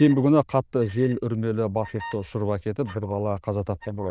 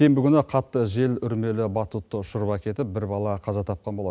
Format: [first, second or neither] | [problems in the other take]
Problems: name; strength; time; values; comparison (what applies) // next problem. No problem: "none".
second | noise reduction (neural diffusion model UNIVERSE++)